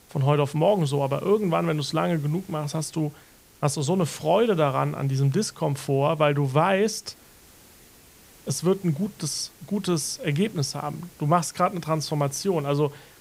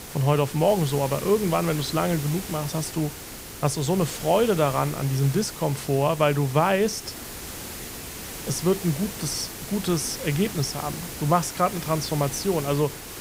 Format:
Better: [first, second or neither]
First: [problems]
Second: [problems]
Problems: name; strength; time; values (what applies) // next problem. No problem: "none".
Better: first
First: hiss; faint; throughout; 25 dB below the speech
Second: hiss; loud; throughout; 10 dB below the speech